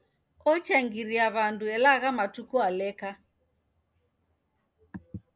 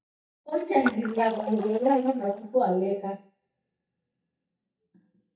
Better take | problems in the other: first | noise reduction (neural mask model DeepFilterNet 3)

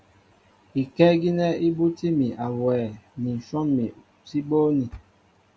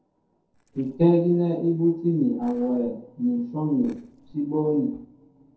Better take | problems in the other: first | noise reduction (neural separator model SepFormer DNS4)

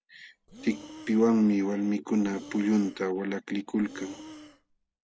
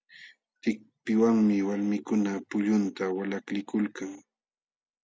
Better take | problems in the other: second | background sound (Breathing); 19 dB below the speech

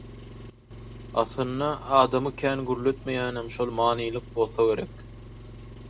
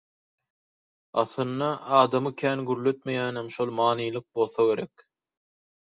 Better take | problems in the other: second | background sound (Engine); 15 dB below the speech

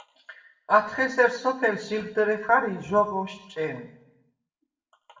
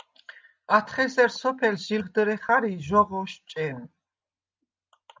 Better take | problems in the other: second | room echo; dies away in 0.7 s

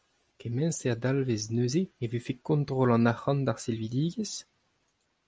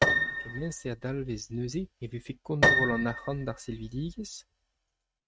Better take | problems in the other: first | noise reduction (neural mask model RNNoise)

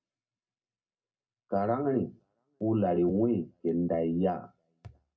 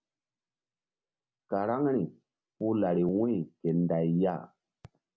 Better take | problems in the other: second | room echo; dies away in 0.2 s

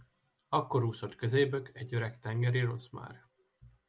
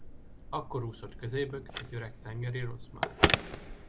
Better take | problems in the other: first | background sound (Telephone); 4 dB above the speech

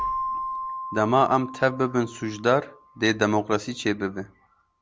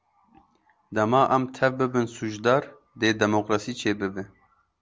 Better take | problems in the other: second | background sound (Keyboard (musical)); 10 dB below the speech

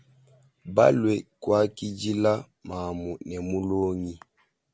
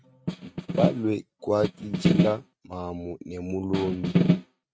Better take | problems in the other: first | noise reduction (neural mask model RNNoise)

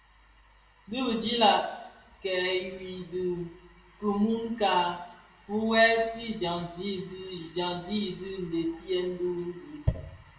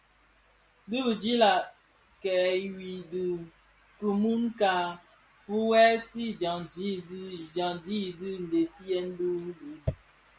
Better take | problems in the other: second | room echo; dies away in 0.7 s

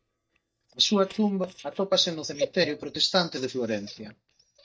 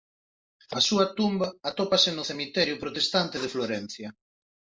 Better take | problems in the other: second | noise reduction (neural mask model DeepFilterNet 3)

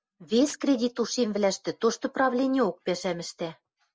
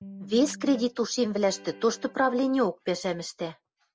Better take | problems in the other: first | background sound (Electric guitar); 19 dB below the speech

